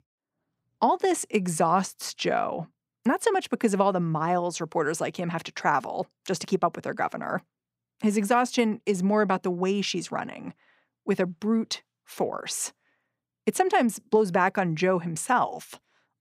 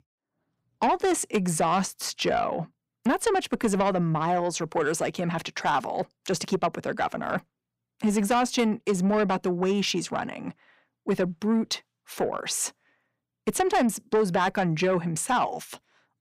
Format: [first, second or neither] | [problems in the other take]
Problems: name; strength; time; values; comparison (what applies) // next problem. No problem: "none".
first | distortion; slight; 10 dB below the speech